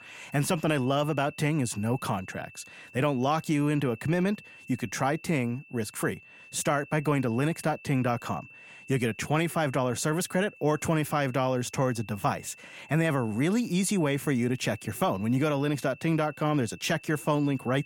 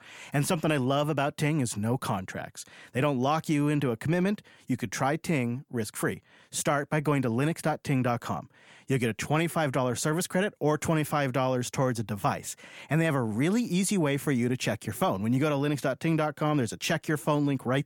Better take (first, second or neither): second